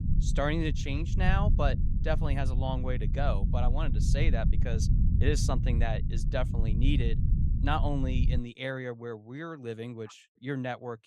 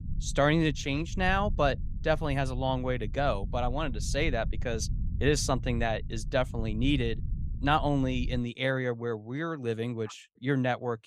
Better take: second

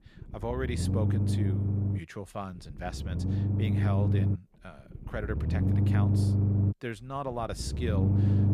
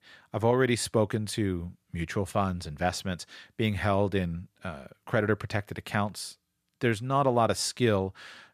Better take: second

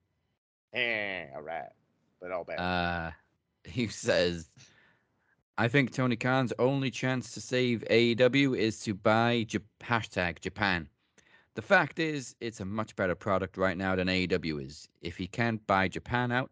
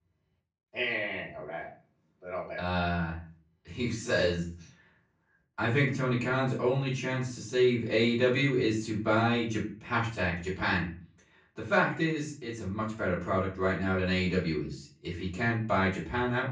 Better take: first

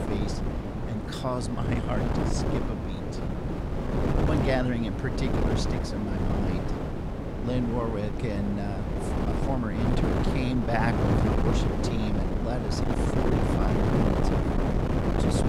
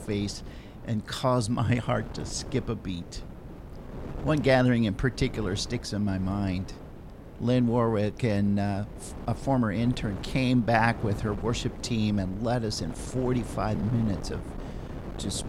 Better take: second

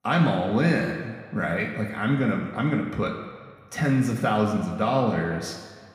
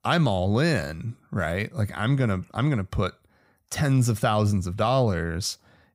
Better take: second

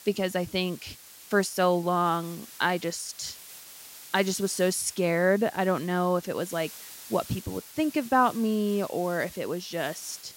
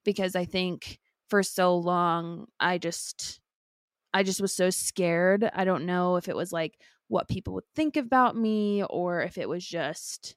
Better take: second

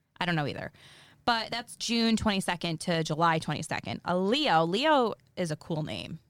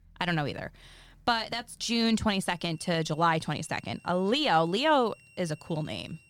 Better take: first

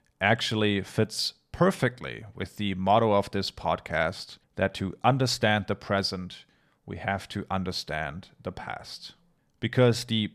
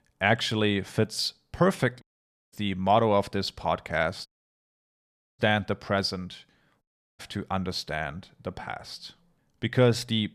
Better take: first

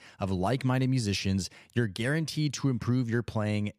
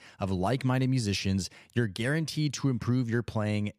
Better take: neither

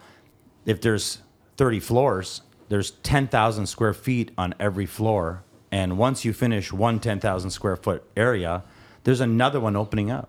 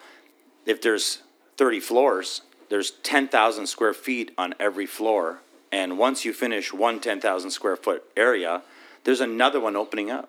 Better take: first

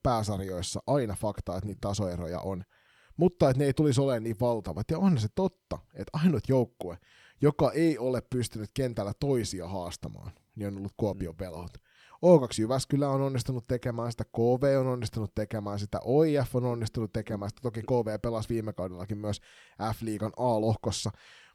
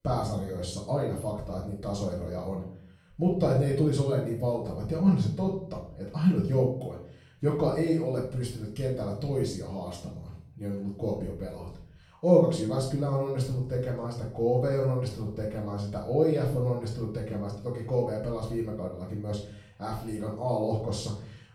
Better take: first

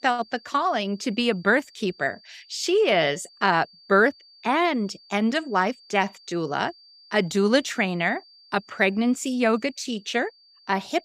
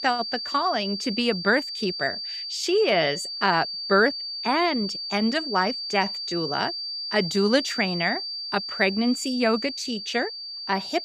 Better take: first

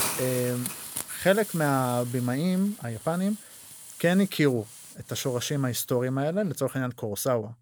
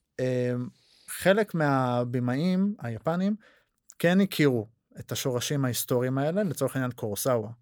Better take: second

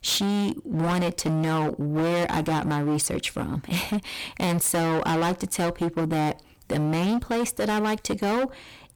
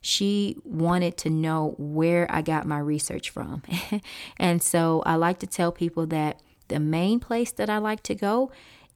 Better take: second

